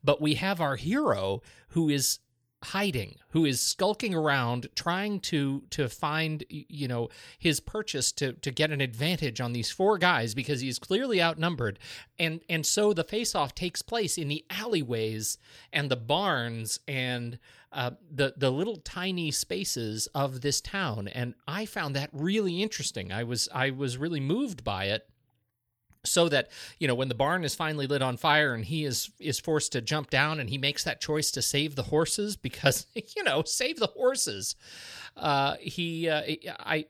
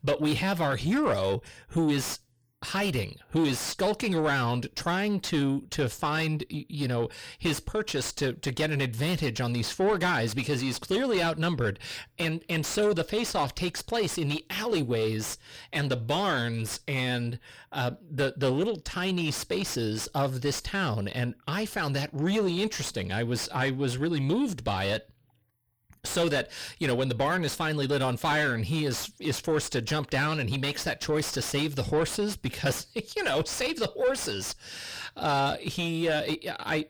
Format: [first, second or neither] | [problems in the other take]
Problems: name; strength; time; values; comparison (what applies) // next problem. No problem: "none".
first | distortion; heavy; 7 dB below the speech